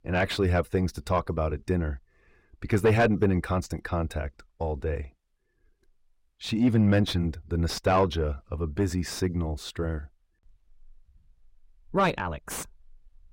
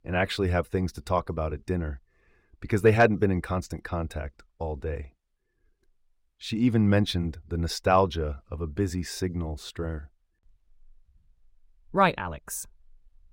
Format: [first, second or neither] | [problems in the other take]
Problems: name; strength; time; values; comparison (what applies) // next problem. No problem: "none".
second | distortion; slight; 10 dB below the speech